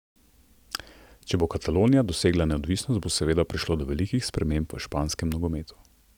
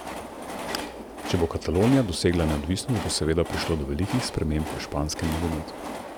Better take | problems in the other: first | background sound (Train); 9 dB below the speech

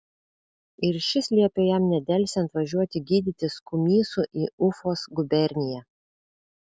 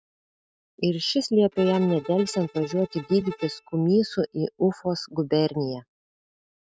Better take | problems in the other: first | noise reduction (neural mask model RNNoise)

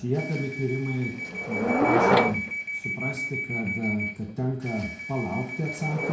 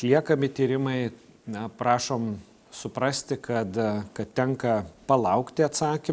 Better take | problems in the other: second | background sound (Subway, metro, underground / Door); 2 dB above the speech // room echo; dies away in 0.6 s

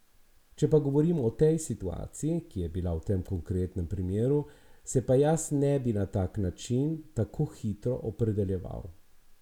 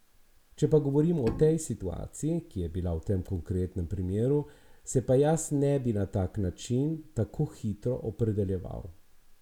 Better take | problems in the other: first | background sound (Bowed string instrument); 11 dB below the speech

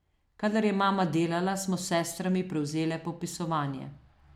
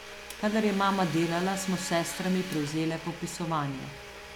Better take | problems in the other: first | background sound (Domestic sounds, home sounds); 11 dB below the speech

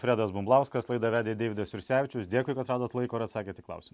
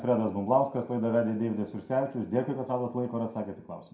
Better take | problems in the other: first | room echo; dies away in 0.5 s

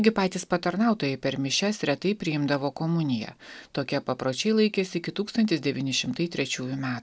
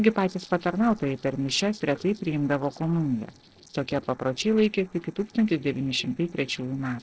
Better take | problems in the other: first | noise reduction (neural separator model SepFormer DNS4)

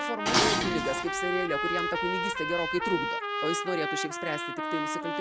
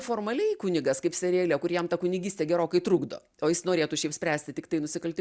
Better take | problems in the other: second | background sound (Dishes, pots, and pans + Trumpet); 3 dB above the speech

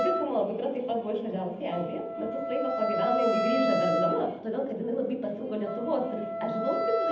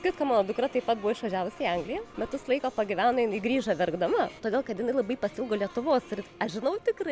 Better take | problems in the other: second | background sound (Wind instrument, woodwind instrument); 1 dB below the speech // room echo; dies away in 0.8 s

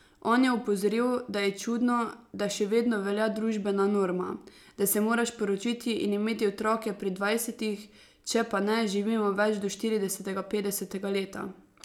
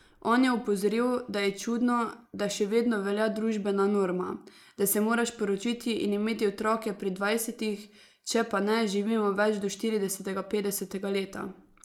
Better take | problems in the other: first | noise reduction (neural mask model Resemble Enhance denoiser)

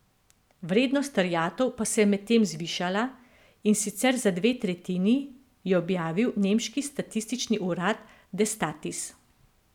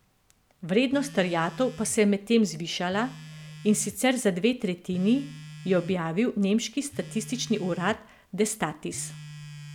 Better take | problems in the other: first | background sound (Telephone); 18 dB below the speech

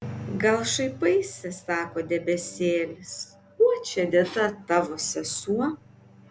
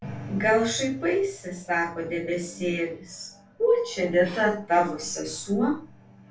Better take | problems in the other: first | room echo; dies away in 0.3 s

